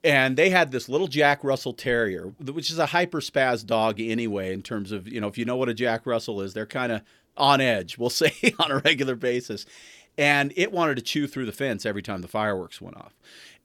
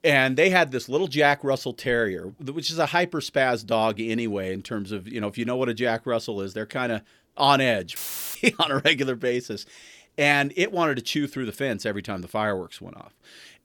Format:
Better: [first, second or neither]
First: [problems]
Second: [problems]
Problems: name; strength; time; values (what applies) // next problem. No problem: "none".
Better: first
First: none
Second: audio cutting out; filled with static; at 8 s